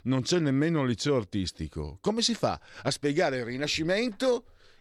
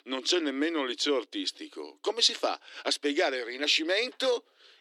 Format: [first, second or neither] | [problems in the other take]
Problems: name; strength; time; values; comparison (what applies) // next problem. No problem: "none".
first | thin; very slightly; fading below 300 Hz